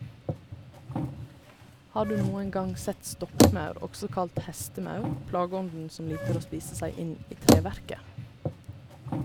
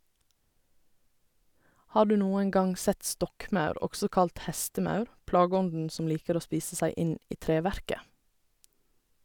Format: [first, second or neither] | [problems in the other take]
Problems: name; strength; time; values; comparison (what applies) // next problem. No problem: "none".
second | background sound (Bicycle); 5 dB above the speech